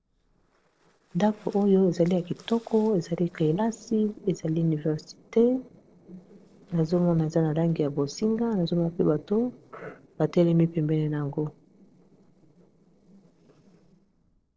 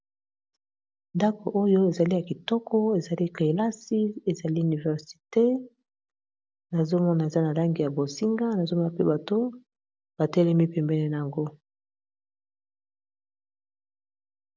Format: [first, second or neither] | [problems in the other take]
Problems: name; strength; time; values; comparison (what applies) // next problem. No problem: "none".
second | noise reduction (neural separator model SepFormer DNS4)